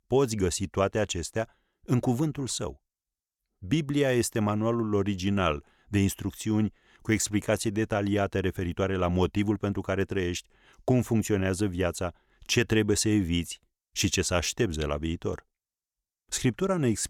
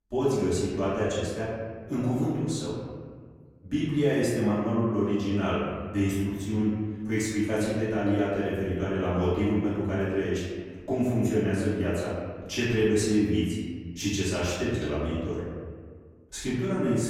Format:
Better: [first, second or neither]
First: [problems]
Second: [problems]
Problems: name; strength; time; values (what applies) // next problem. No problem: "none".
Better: first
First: none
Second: room echo; strong; dies away in 1.7 s // off-mic speech; far